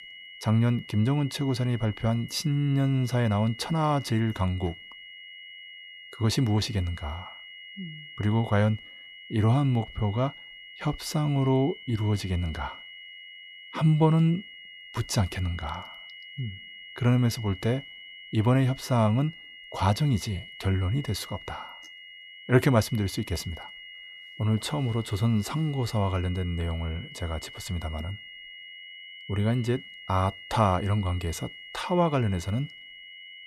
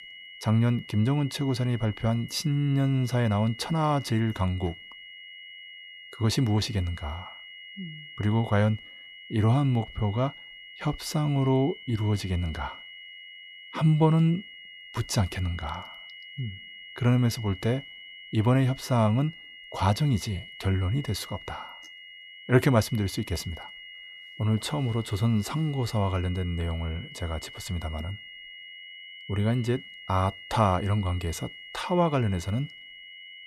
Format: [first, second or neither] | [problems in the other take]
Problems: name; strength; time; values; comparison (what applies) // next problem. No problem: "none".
neither | high-pitched whine; noticeable; throughout; 3 kHz, 15 dB below the speech; the same in both